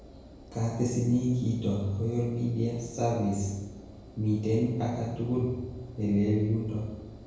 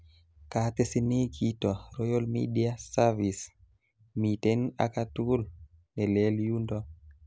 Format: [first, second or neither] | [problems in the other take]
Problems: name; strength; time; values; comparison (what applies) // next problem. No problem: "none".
second | background sound (Engine); 19 dB below the speech // room echo; dies away in 0.9 s